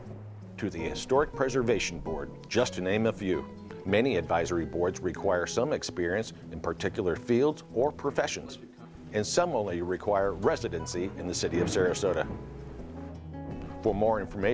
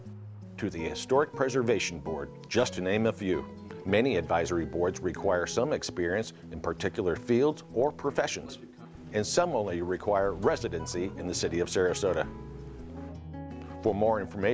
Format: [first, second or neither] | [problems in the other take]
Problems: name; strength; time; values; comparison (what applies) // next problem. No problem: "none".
second | background sound (Thunder / Rain); 16 dB below the speech